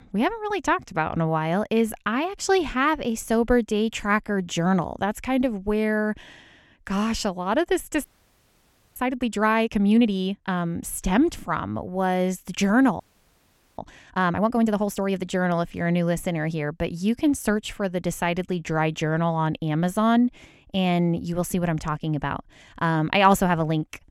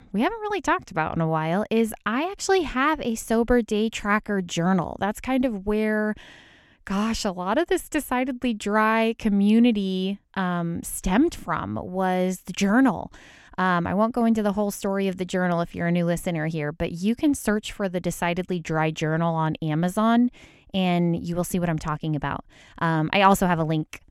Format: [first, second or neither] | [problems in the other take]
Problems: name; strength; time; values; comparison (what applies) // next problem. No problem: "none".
second | audio freezing; at 8 s for 1 s and at 13 s for 1 s